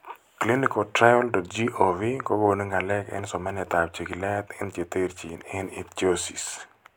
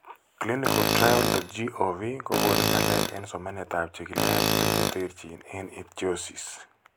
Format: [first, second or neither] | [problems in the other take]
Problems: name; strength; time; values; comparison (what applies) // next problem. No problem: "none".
first | background sound (Tools); 4 dB above the speech